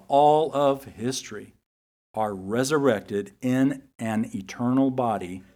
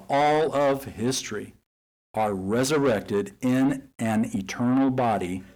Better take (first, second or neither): first